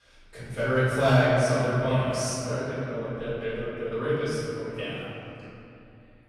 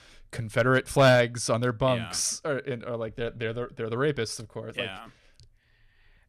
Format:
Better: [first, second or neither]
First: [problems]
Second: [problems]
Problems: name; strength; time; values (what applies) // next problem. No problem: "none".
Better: second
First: off-mic speech; far // room echo; strong; dies away in 3 s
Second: none